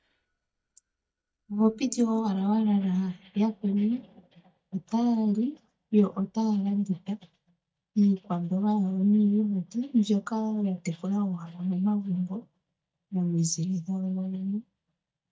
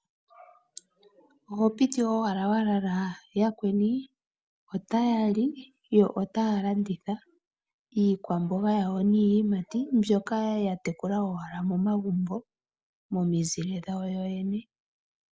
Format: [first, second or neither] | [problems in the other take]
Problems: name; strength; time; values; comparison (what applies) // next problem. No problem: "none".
second | noise reduction (neural mask model DeepFilterNet 3)